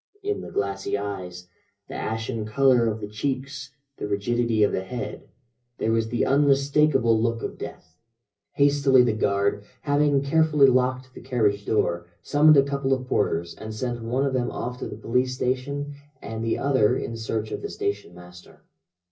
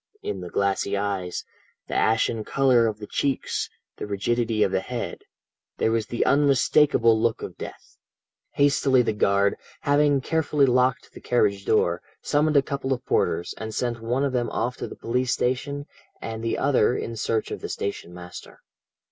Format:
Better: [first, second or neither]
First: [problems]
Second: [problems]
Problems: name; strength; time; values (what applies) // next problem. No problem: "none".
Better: second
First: room echo; dies away in 0.4 s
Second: none